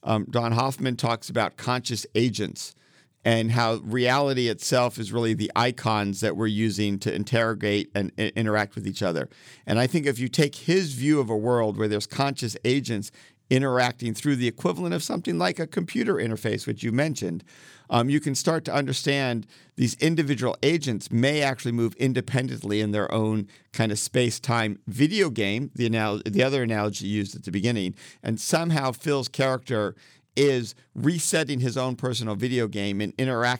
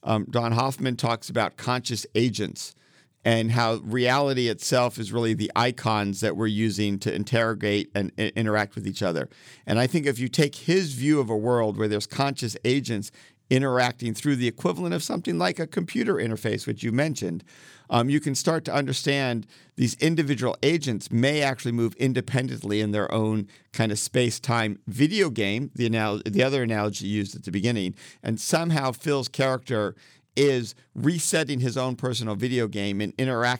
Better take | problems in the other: neither | none

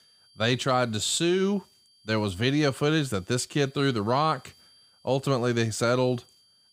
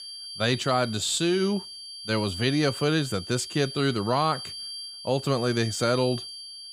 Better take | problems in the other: first | high-pitched whine; loud; throughout; 4.5 kHz, 10 dB below the speech; faint in the first

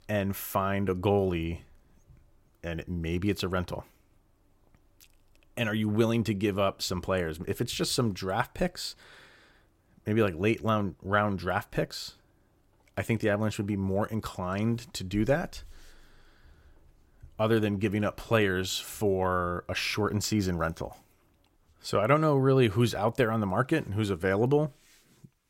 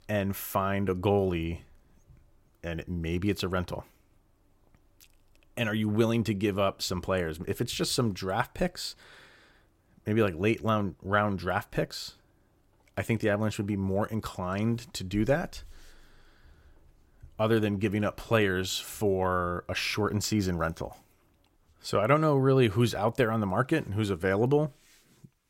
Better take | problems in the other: neither | none

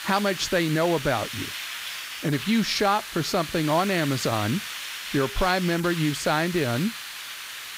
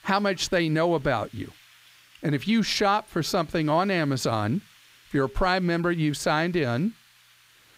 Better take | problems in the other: second | hiss; loud; throughout; 8 dB below the speech; faint in the second

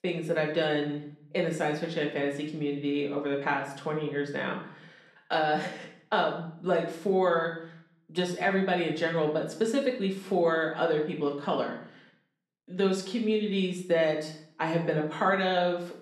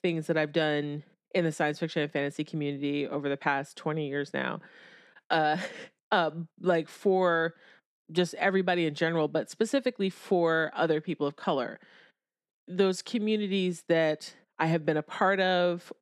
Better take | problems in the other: second | room echo; slight; dies away in 0.5 s // off-mic speech; somewhat distant

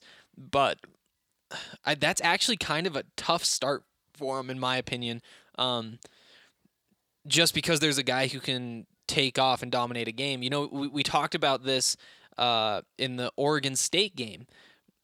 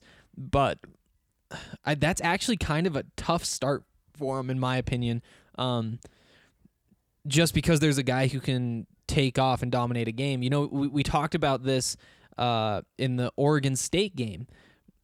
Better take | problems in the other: second | thin; very slightly; fading below 550 Hz

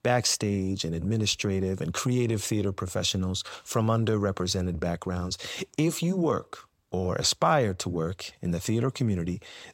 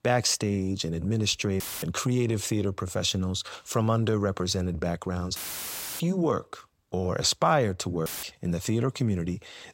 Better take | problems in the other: first | audio cutting out; filled with static; at 1.5 s, at 5.5 s for 0.5 s and at 8 s

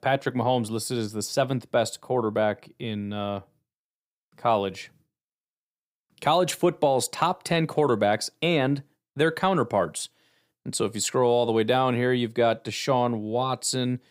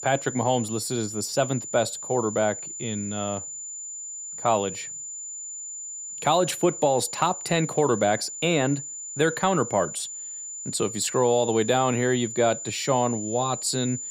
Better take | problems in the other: first | high-pitched whine; loud; throughout; 7 kHz, 8 dB below the speech

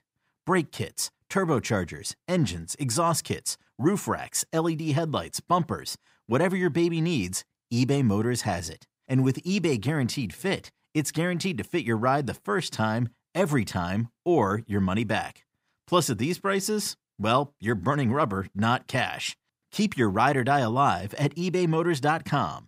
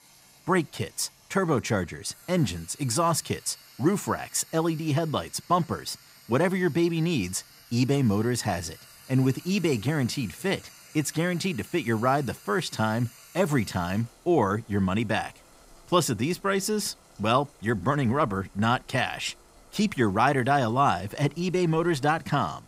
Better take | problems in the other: first | household noises; faint; throughout; 25 dB below the speech

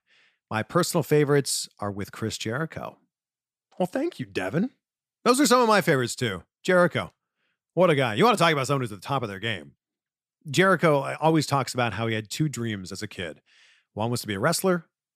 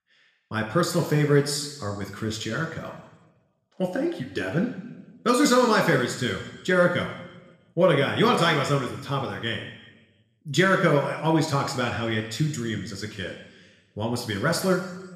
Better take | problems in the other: first | room echo; slight; dies away in 1.1 s // off-mic speech; somewhat distant

